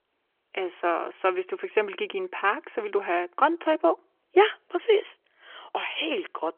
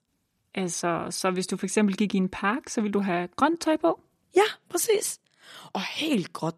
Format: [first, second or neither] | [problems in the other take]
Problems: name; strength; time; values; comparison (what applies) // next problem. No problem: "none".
second | phone-call audio; nothing above 3.5 kHz